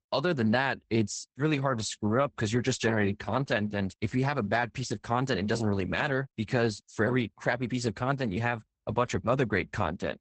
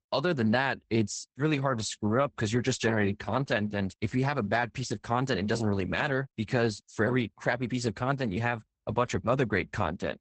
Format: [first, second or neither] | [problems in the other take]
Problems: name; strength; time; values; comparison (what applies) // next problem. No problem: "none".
neither | garbled, watery; badly; nothing above 8 kHz; the same in both